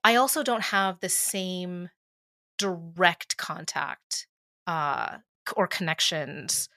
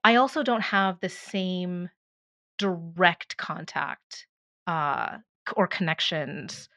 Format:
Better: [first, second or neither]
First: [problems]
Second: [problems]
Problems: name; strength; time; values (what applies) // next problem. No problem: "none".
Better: first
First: none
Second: muffled; slightly; fading above 3.5 kHz